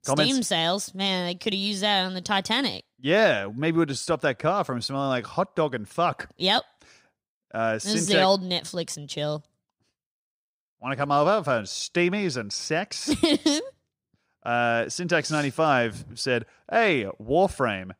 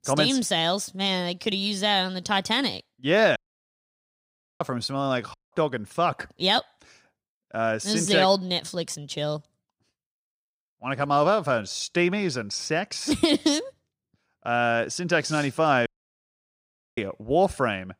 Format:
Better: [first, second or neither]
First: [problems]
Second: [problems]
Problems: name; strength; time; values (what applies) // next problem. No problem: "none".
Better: first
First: none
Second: audio cutting out; at 3.5 s for 1 s, at 5.5 s and at 16 s for 1 s